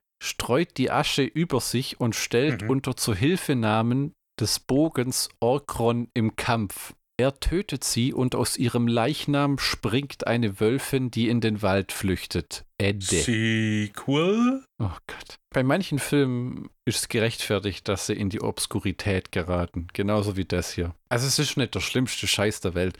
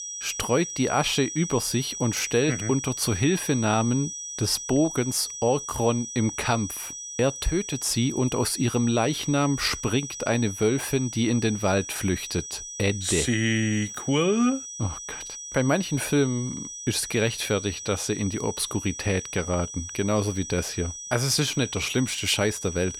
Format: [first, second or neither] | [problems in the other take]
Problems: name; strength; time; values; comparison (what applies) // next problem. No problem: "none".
first | high-pitched whine; loud; throughout; 6 kHz, 9 dB below the speech